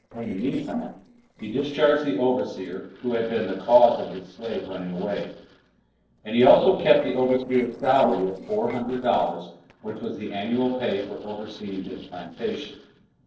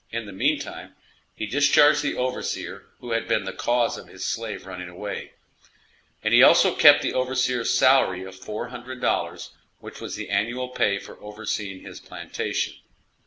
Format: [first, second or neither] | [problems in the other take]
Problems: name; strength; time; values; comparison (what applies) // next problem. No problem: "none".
second | noise reduction (neural separator model SepFormer DNS4)